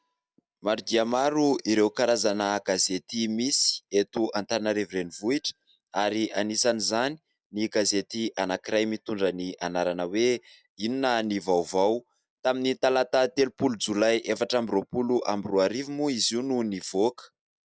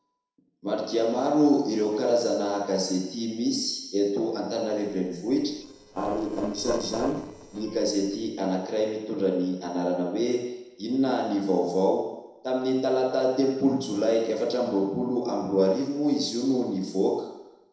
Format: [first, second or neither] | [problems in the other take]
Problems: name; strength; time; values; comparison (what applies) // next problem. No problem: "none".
first | noise reduction (neural separator model SepFormer DNS4)